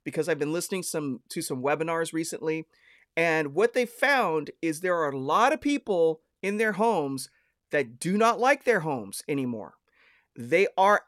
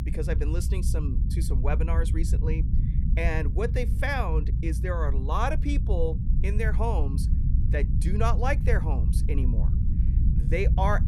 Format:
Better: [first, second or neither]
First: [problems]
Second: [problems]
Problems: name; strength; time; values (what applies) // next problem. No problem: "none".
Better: first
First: none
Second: low rumble; loud; throughout; 10 dB below the speech